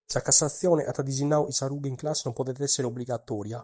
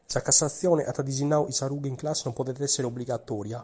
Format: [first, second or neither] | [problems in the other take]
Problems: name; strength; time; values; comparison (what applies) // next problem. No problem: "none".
second | noise reduction (neural mask model DeepFilterNet 3)